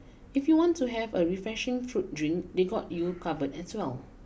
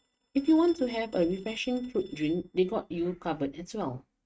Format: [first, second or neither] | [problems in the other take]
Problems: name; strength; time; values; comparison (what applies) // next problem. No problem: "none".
first | noise reduction (neural mask model RNNoise)